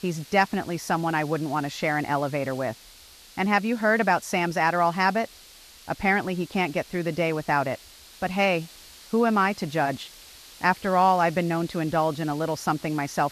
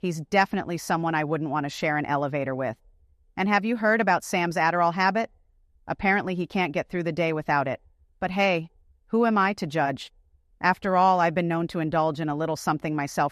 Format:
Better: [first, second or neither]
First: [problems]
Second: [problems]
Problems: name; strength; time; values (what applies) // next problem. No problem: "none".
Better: second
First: hiss; faint; throughout; 20 dB below the speech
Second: none